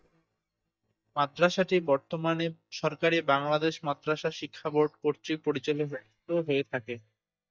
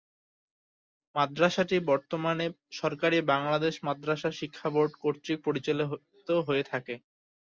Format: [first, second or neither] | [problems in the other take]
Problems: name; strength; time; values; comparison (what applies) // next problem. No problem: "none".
second | noise reduction (neural mask model DeepFilterNet 3)